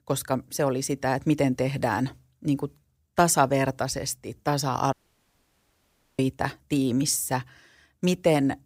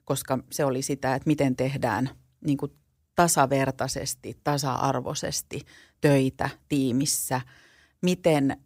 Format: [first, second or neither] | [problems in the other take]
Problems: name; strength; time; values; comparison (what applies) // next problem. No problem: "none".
second | audio cutting out; at 5 s for 1.5 s